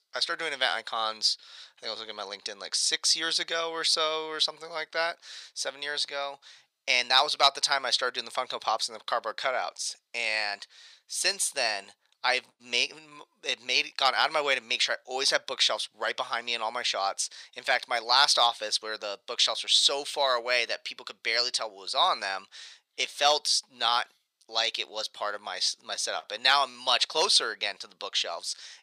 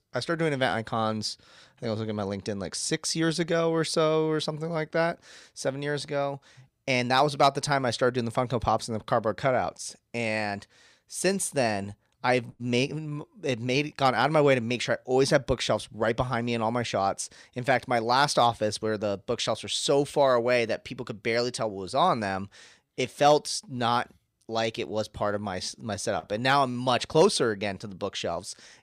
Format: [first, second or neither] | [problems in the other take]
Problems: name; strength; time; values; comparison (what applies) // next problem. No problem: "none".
second | thin; very; fading below 850 Hz